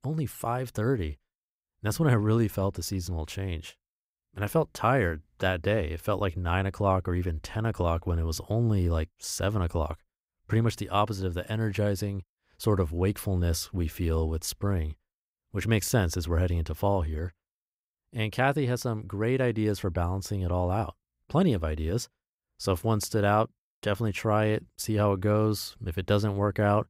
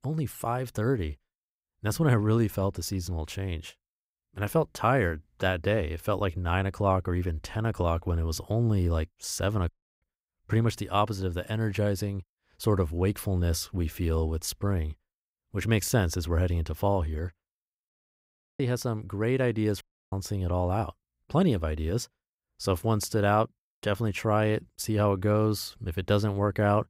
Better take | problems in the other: first | audio cutting out; at 9.5 s, at 18 s for 0.5 s and at 20 s

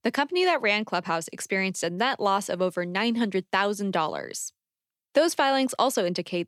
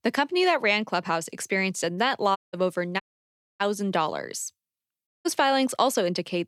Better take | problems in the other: first | audio cutting out; at 2.5 s, at 3 s for 0.5 s and at 5 s

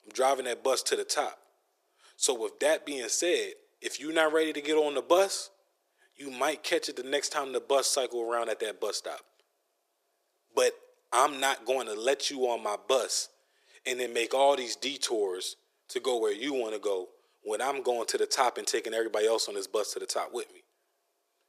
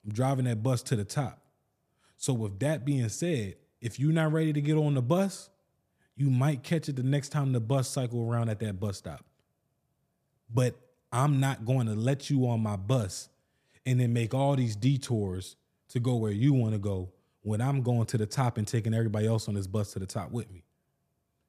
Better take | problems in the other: second | thin; very; fading below 350 Hz

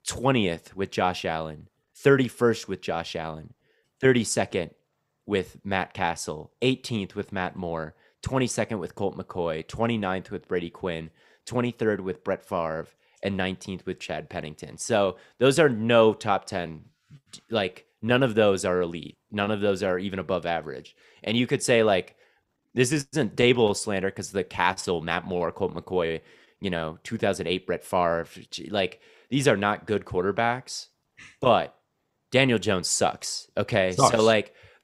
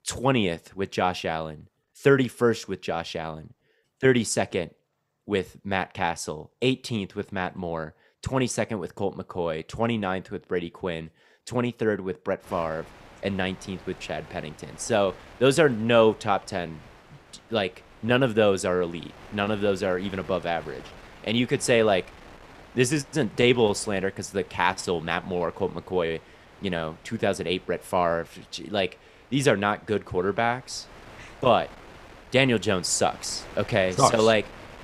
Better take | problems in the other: first | wind noise on the microphone; occasional gusts; from 12 s on; 20 dB below the speech

